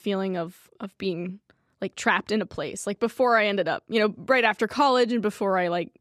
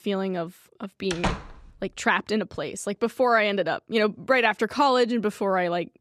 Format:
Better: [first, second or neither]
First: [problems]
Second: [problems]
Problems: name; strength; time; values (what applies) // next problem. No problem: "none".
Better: first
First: none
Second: door banging; noticeable; at 1 s; peak 5 dB below the speech